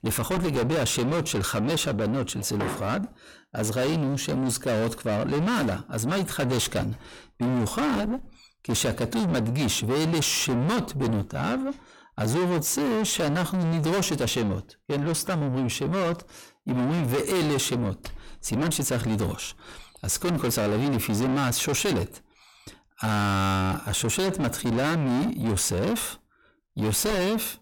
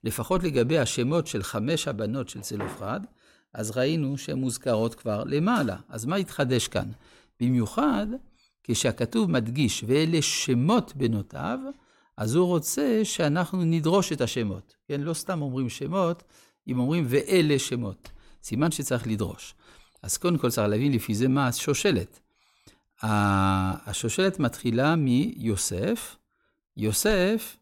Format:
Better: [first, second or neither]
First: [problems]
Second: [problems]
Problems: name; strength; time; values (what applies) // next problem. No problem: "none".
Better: second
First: distortion; heavy; 6 dB below the speech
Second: none